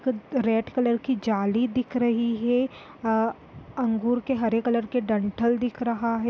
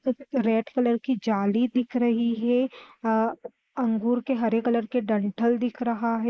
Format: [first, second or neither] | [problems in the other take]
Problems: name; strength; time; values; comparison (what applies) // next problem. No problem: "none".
first | noise reduction (neural mask model Resemble Enhance denoiser)